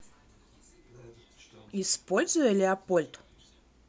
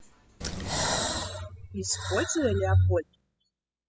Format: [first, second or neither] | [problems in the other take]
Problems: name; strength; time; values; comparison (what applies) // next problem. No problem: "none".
first | noise reduction (classical method spectral subtraction)